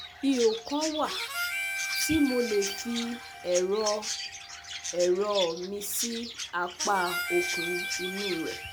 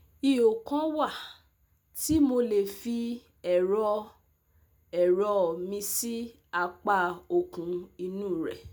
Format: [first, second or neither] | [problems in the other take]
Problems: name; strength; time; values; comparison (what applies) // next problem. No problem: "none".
second | background sound (Chirp, tweet + Harmonica); 5 dB below the speech